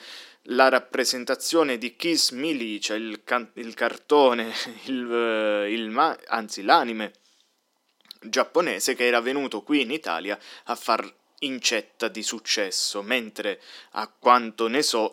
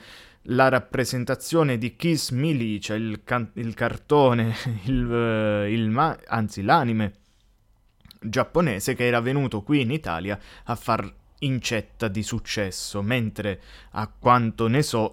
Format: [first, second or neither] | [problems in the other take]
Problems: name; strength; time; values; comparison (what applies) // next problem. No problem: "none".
second | thin; somewhat; fading below 250 Hz